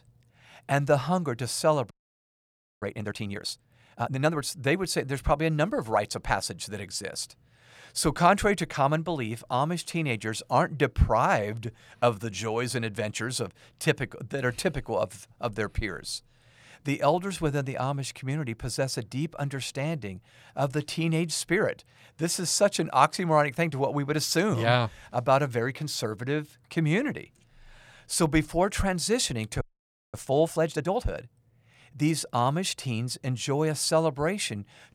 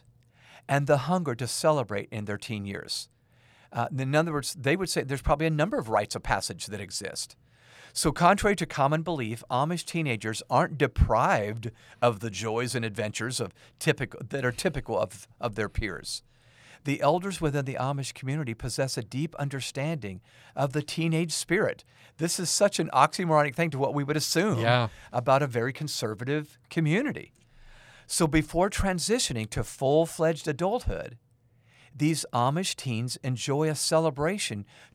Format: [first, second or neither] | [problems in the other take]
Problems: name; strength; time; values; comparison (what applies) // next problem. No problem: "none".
second | audio freezing; at 2 s for 1 s and at 30 s for 0.5 s